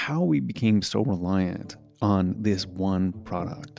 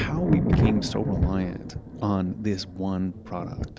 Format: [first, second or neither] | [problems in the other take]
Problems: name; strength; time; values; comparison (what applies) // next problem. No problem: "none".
first | background sound (Thunder); as loud as the speech